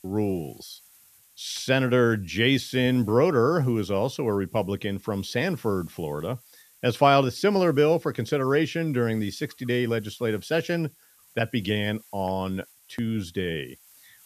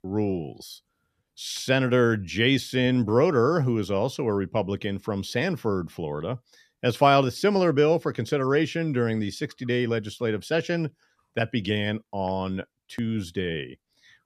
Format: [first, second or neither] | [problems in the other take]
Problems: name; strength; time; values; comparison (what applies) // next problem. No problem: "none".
second | hiss; faint; throughout; 25 dB below the speech